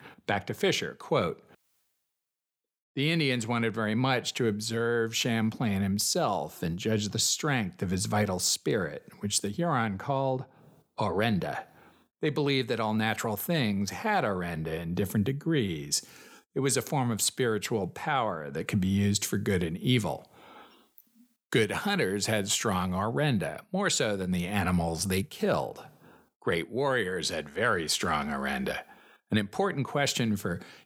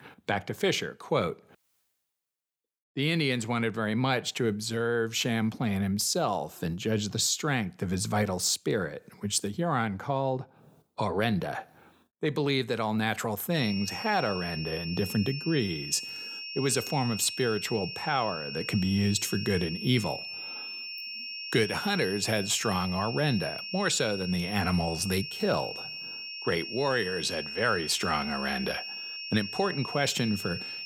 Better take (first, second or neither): first